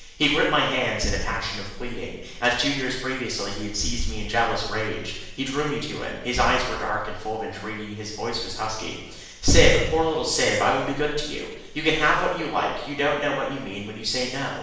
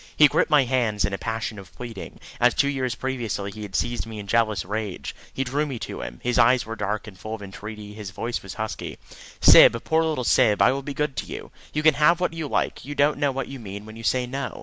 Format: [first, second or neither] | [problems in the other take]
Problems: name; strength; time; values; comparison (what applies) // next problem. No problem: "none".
second | room echo; dies away in 0.9 s